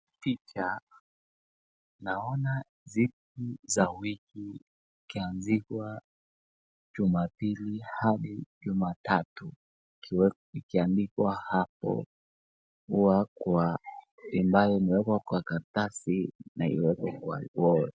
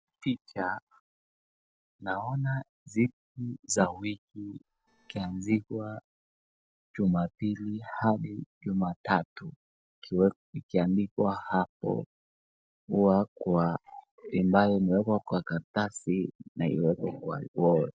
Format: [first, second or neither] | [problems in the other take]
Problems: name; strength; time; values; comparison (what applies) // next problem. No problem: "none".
first | noise reduction (neural separator model SepFormer DNS4)